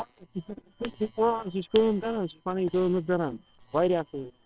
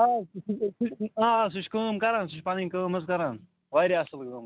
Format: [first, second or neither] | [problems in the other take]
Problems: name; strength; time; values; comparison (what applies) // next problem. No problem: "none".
second | noise reduction (neural separator model SepFormer WHAMR!)